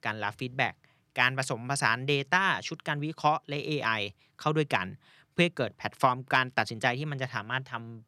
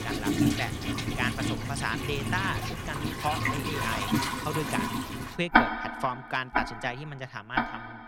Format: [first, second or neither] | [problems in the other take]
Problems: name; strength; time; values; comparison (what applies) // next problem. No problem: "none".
first | household noises; very loud; throughout; 4 dB above the speech